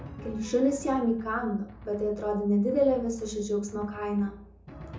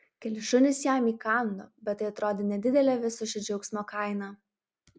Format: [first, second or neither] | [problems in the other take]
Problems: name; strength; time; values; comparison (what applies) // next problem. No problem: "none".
second | background sound (Drum); 17 dB below the speech // room echo; dies away in 0.6 s